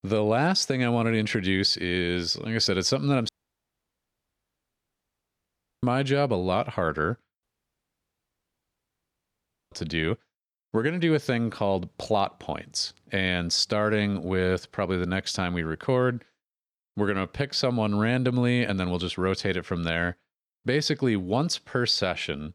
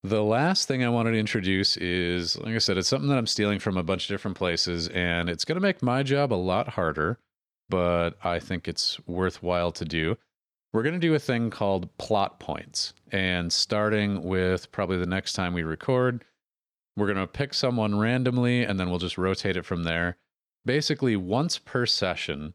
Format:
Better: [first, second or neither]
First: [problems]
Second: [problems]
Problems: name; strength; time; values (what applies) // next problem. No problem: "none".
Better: second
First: audio cutting out; at 3.5 s for 2.5 s and at 7.5 s for 2.5 s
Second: none